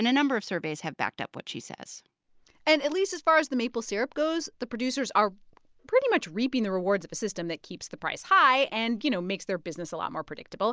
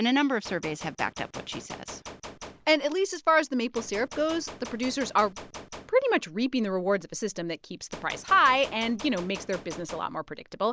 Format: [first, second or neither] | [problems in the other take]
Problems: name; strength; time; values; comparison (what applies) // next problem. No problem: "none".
first | background sound (Gunshot, gunfire); 15 dB below the speech